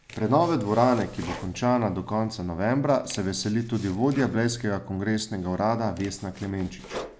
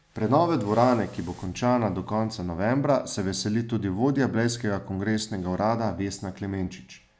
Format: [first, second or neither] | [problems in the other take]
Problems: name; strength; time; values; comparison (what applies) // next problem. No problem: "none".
second | background sound (Domestic sounds, home sounds); 18 dB below the speech